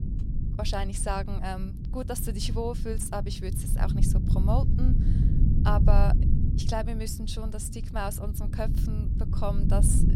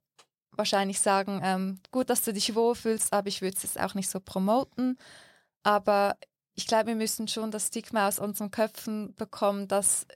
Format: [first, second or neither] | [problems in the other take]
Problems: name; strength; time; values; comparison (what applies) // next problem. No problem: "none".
second | low rumble; loud; throughout; 7 dB below the speech